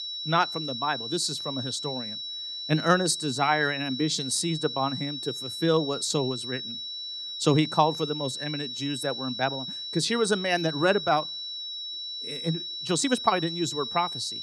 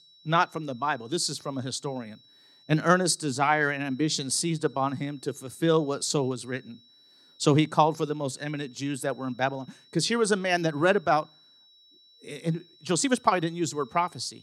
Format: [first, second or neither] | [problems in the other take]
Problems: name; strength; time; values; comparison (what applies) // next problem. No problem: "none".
second | high-pitched whine; loud; throughout; 4 kHz, 5 dB below the speech; faint in the second